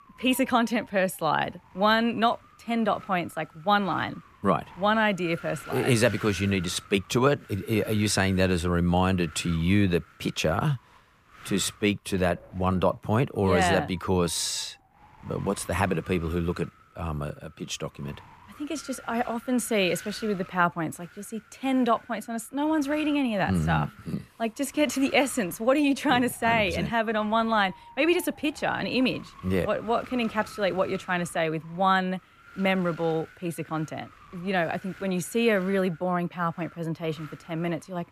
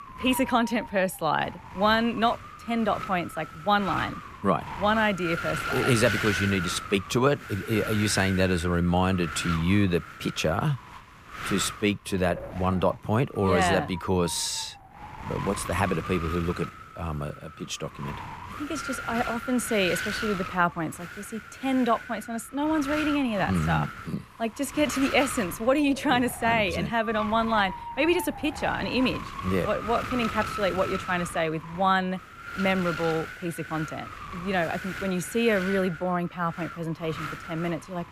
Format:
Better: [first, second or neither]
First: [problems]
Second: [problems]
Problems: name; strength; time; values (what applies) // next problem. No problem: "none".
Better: first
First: wind noise on the microphone; occasional gusts; 20 dB below the speech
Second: wind noise on the microphone; heavy; 7 dB below the speech